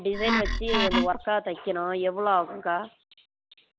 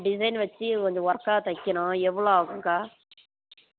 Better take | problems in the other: second | background sound (Wood); 2 dB above the speech

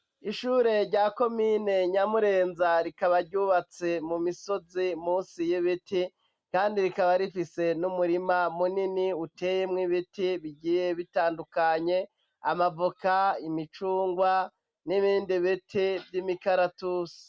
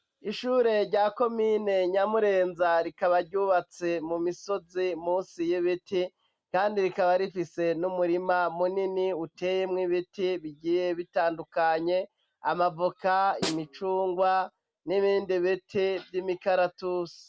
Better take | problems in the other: first | background sound (Snare drum); 12 dB below the speech

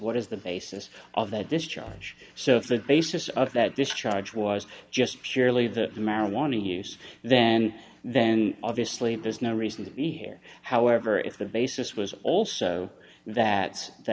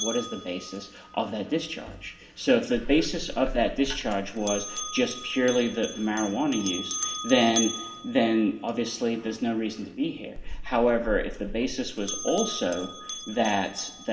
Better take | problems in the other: first | background sound (Bell); 9 dB below the speech // room echo; dies away in 1.7 s

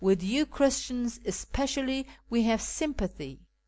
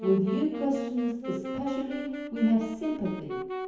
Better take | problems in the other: first | background sound (Wind instrument, woodwind instrument); 7 dB below the speech // room echo; dies away in 1 s

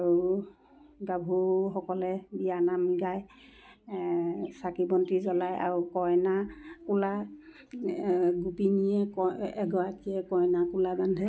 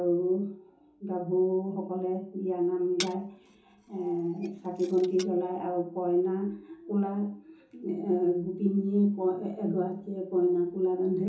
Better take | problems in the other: first | background sound (Glass); 15 dB below the speech // room echo; dies away in 0.6 s

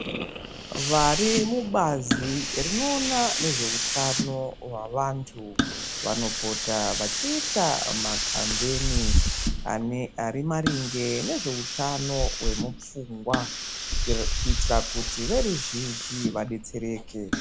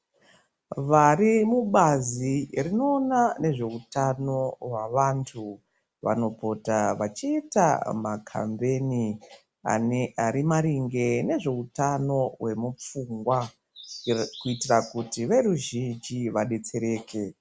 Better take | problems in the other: second | background sound (Hiss); 1 dB above the speech

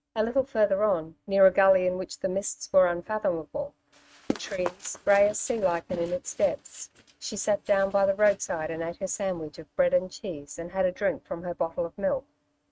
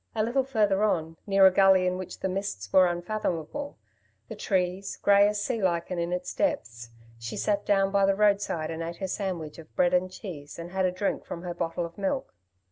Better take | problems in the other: second | noise reduction (neural mask model RNNoise)

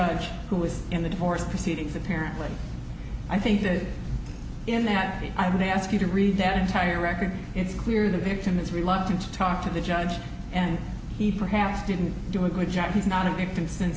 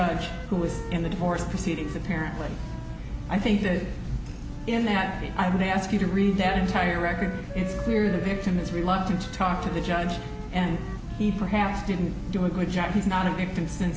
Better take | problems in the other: first | background sound (Wind instrument, woodwind instrument); 17 dB below the speech

